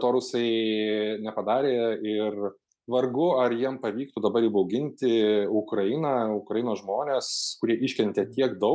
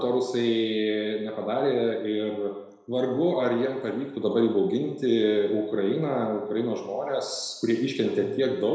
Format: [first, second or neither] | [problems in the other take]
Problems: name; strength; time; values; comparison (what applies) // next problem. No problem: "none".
first | room echo; dies away in 1 s